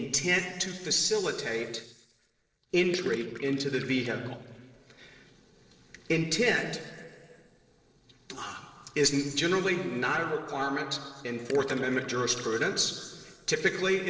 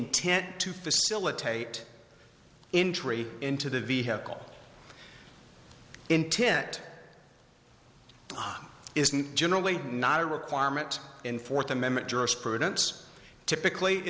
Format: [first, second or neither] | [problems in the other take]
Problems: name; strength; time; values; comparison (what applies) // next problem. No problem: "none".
second | noise reduction (neural separator model SepFormer DNS4)